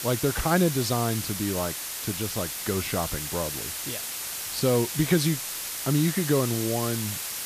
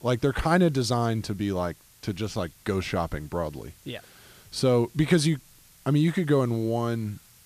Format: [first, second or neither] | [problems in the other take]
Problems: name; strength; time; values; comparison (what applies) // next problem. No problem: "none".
second | hiss; loud; throughout; 3 dB below the speech; faint in the second